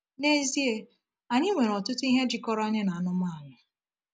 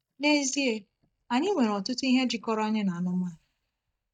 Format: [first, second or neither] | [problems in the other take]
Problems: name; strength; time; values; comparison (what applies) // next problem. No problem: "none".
first | noise reduction (neural mask model DeepFilterNet 3)